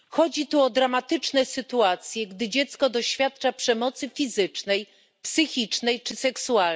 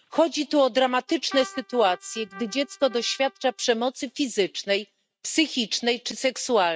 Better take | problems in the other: first | noise reduction (neural mask model RNNoise)

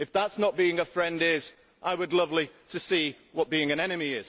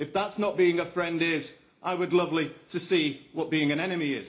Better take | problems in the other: first | room echo; dies away in 0.4 s

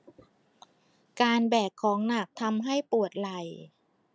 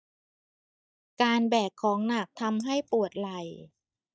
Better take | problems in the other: first | noise reduction (neural mask model DeepFilterNet 3)

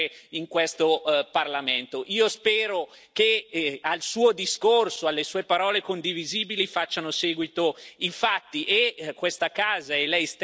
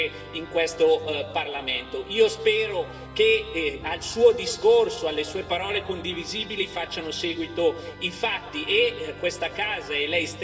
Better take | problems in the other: first | background sound (Organ); 17 dB below the speech // room echo; dies away in 1.6 s

